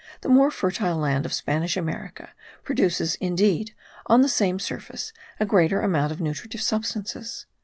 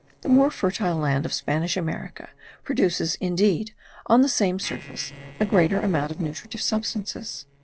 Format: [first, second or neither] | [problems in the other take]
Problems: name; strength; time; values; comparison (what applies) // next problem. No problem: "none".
first | noise reduction (neural separator model SepFormer DNS4)